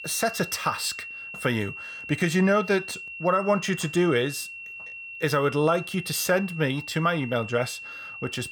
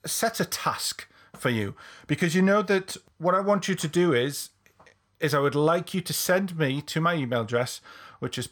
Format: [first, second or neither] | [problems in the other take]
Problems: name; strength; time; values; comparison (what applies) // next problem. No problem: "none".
second | high-pitched whine; noticeable; throughout; 2.5 kHz, 10 dB below the speech